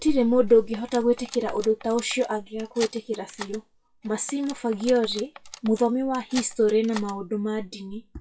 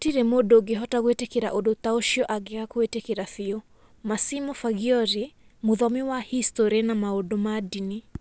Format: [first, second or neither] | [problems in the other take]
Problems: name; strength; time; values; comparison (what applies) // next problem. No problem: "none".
second | noise reduction (classical method WPE with log-MMSE)